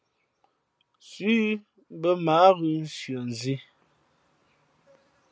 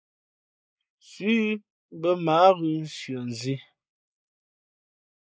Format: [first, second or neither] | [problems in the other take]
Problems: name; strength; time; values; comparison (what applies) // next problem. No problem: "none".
first | noise reduction (neural mask model Resemble Enhance denoiser)